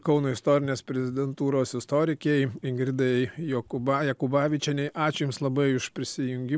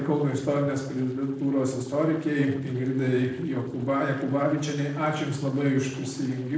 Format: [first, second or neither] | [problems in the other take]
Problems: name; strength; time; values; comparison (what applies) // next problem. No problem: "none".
first | noise reduction (neural separator model SepFormer DNS4)